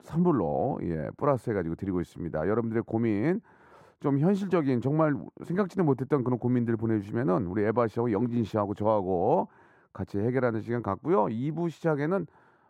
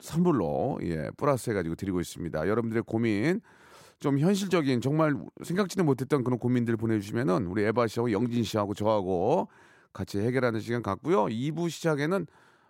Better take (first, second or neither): second